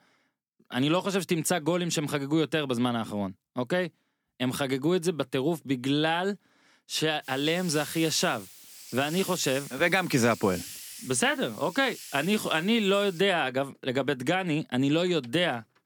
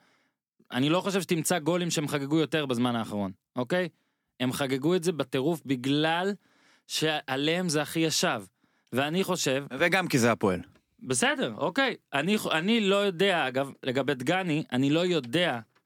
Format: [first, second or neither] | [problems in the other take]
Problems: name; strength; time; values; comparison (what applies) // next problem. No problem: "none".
second | hiss; noticeable; from 7 to 13 s; 15 dB below the speech